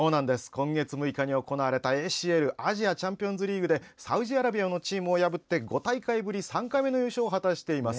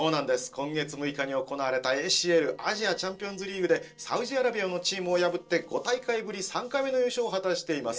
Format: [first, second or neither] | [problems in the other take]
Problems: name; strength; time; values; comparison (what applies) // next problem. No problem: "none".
first | noise reduction (neural separator model SepFormer DNS4)